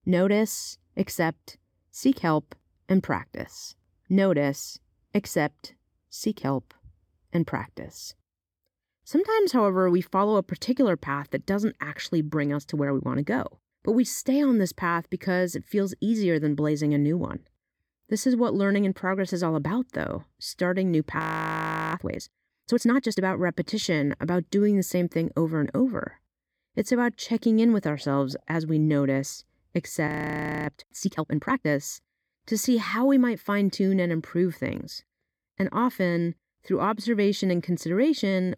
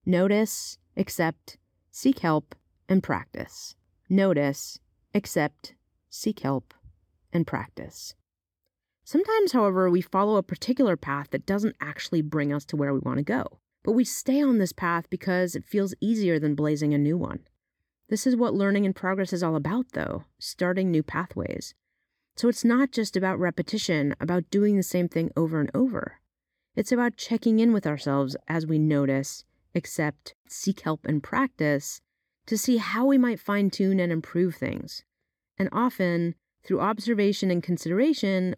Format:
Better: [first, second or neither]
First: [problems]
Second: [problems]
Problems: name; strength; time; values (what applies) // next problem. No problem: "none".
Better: second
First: audio freezing; at 21 s for 0.5 s and at 30 s for 0.5 s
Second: none